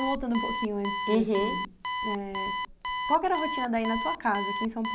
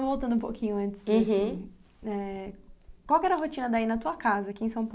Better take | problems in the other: second | background sound (Alarm); 4 dB below the speech

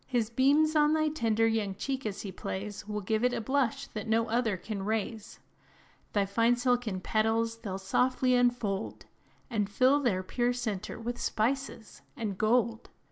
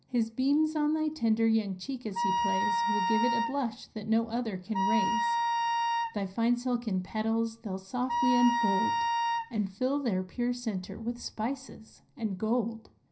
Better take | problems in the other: first | background sound (Wind instrument, woodwind instrument); 1 dB above the speech // room echo; dies away in 0.4 s

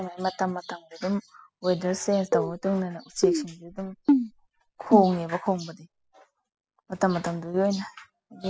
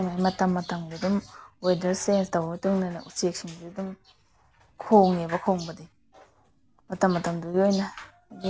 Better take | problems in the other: second | noise reduction (classical method spectral subtraction)

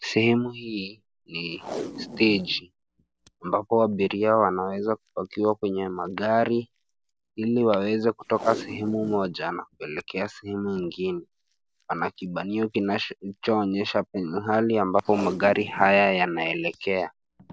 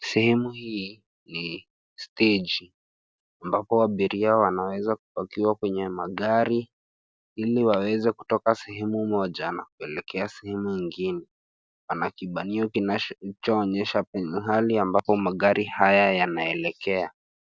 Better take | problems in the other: second | background sound (Packing tape, duct tape); 17 dB below the speech

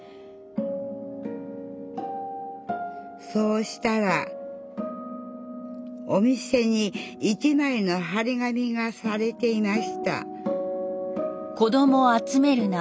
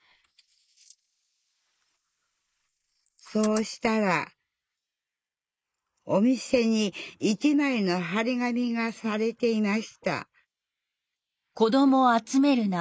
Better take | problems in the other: first | noise reduction (neural mask model Resemble Enhance denoiser)

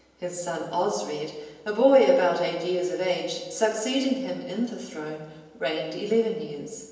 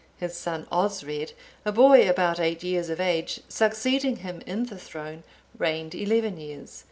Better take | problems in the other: second | room echo; dies away in 1 s

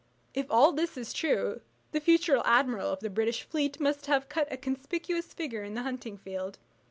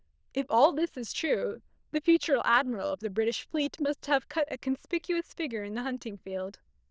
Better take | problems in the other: first | noise reduction (neural diffusion model UNIVERSE++)

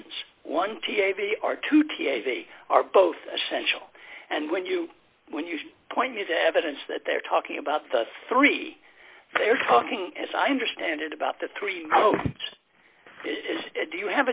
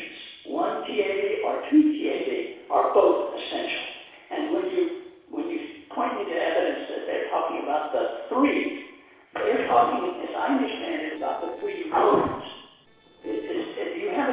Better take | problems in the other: first | noise reduction (neural separator model SepFormer DNS4)

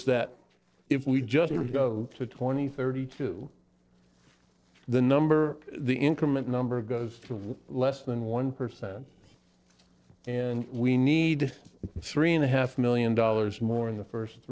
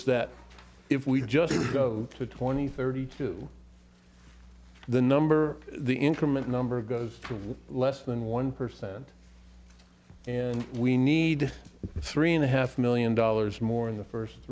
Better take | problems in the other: second | noise reduction (neural separator model SepFormer DNS4)

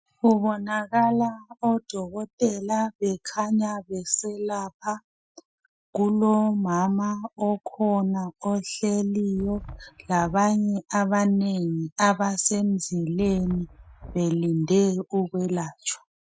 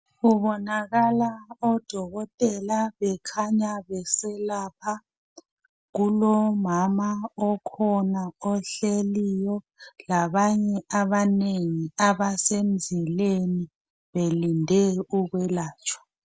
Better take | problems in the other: second | noise reduction (classical method Wiener filter)

